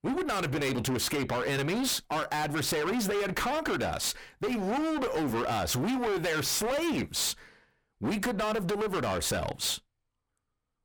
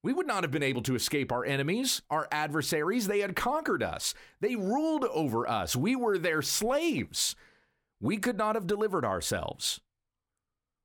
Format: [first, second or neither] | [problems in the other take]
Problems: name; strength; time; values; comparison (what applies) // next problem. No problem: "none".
second | distortion; heavy; 33% of the sound clipped